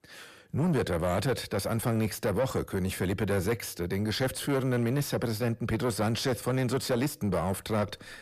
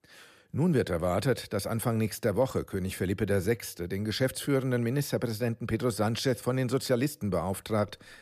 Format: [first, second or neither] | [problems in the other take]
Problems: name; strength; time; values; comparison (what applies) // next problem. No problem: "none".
second | distortion; slight; 10 dB below the speech